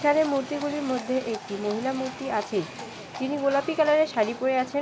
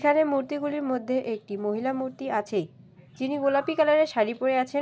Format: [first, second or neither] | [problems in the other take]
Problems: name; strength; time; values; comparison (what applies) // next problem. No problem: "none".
second | background sound (Livestock, farm animals, working animals); 13 dB below the speech